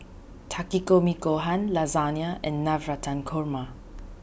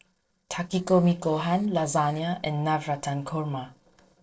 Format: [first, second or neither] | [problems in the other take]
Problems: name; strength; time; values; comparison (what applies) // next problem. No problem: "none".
first | noise reduction (neural separator model SepFormer DNS4)